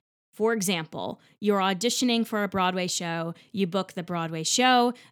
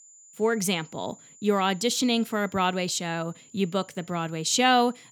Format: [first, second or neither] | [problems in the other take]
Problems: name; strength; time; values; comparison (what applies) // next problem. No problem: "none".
first | high-pitched whine; faint; throughout; 7 kHz, 25 dB below the speech